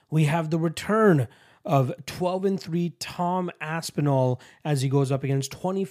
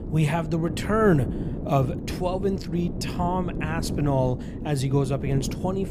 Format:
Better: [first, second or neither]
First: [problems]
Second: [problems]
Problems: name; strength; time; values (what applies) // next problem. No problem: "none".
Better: first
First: none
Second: wind noise on the microphone; occasional gusts; 10 dB below the speech